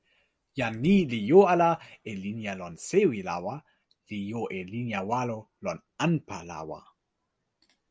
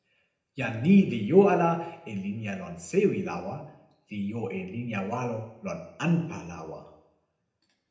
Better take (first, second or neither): first